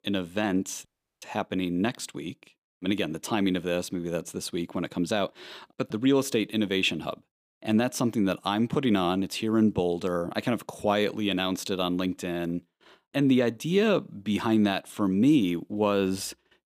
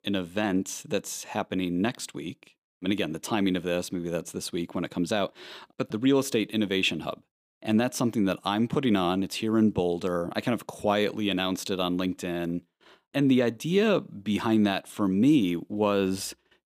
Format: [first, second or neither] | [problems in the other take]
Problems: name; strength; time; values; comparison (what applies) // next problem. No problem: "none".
second | audio cutting out; at 1 s